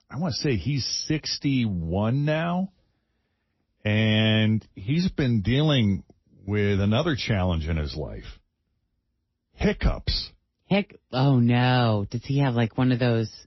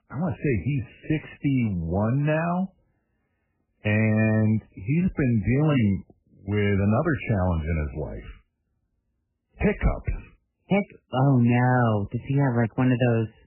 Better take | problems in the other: first | garbled, watery; badly; nothing above 3 kHz; slightly in the first

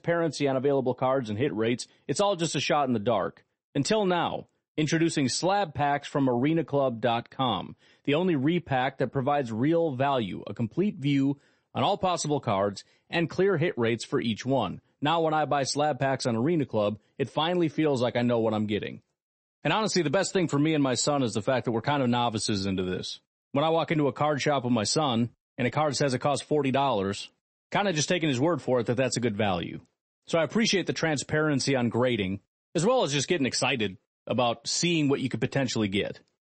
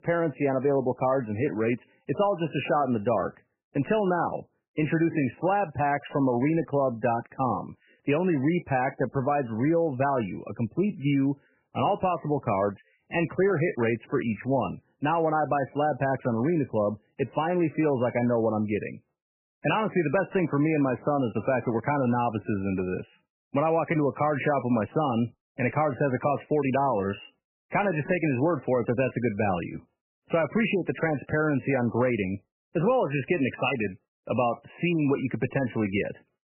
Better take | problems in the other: first | garbled, watery; badly; nothing above 3 kHz; slightly in the first

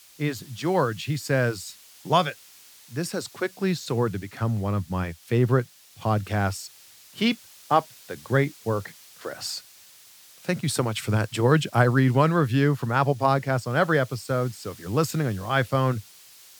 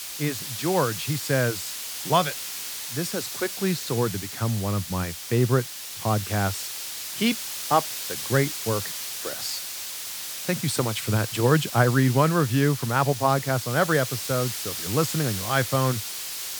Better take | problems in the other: first | hiss; loud; throughout; 6 dB below the speech; faint in the first

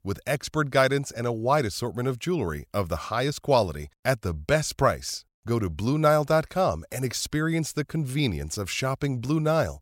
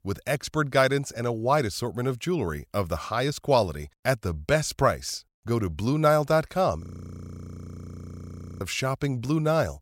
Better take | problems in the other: first | audio freezing; at 7 s for 2 s

